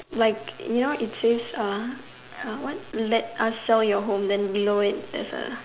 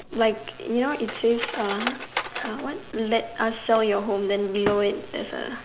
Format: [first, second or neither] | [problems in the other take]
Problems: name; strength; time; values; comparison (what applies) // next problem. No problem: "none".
first | background sound (Cutlery, silverware); 11 dB below the speech